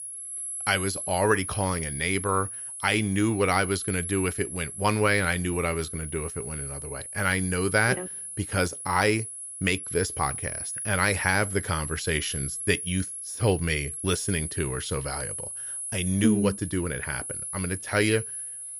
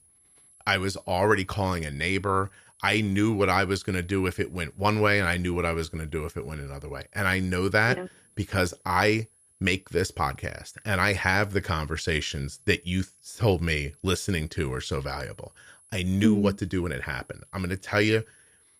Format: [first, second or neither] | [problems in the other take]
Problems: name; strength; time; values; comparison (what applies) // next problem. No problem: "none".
second | high-pitched whine; loud; throughout; 10.5 kHz, 6 dB below the speech; faint in the second